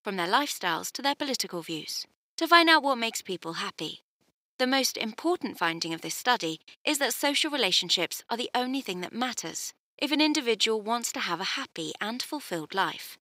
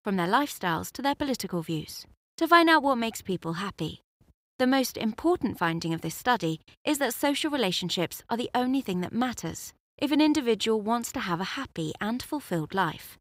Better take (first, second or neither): second